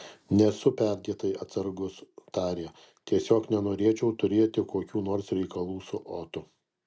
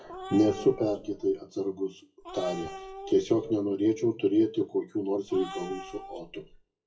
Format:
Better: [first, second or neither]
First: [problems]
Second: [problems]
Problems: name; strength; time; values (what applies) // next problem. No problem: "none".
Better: first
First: none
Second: noise reduction (classical method WPE with log-MMSE)